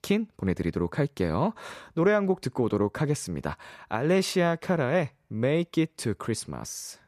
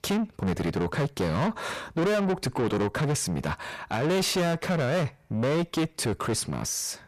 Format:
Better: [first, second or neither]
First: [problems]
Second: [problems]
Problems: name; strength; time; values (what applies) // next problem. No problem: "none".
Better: first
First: none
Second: distortion; heavy; 6 dB below the speech